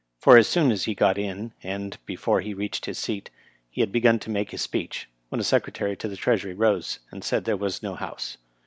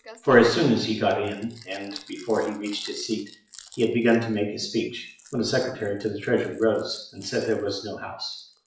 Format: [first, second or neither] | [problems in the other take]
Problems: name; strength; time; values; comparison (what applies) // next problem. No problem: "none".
first | noise reduction (classical method WPE with log-MMSE)